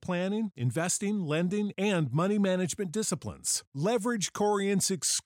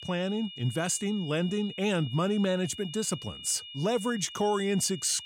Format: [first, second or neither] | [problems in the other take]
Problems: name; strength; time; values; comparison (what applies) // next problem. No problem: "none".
first | high-pitched whine; noticeable; throughout; 3 kHz, 10 dB below the speech